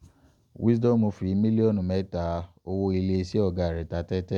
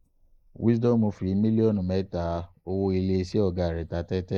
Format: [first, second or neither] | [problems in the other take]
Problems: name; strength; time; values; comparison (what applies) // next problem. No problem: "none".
first | noise reduction (neural mask model Resemble Enhance denoiser)